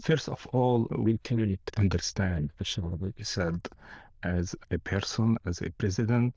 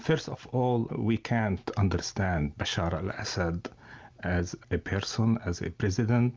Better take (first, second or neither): second